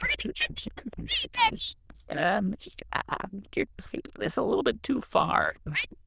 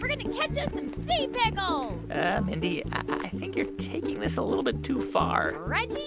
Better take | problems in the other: second | noise reduction (neural diffusion model UNIVERSE++)

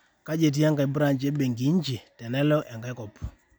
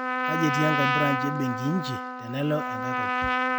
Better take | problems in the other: first | background sound (Trumpet); 2 dB above the speech

